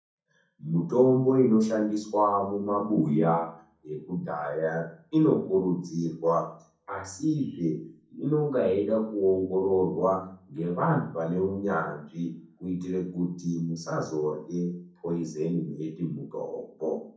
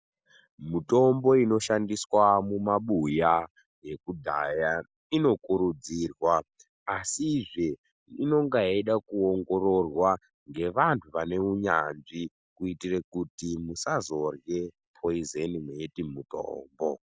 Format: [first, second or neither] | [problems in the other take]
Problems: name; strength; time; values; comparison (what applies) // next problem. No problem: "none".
second | room echo; dies away in 0.6 s